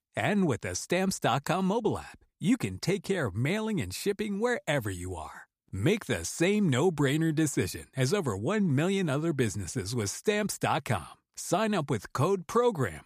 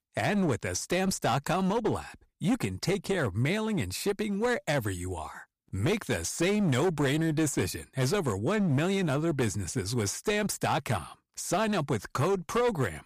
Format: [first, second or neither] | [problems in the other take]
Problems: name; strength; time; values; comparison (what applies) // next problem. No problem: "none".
first | distortion; slight; 12% of the sound clipped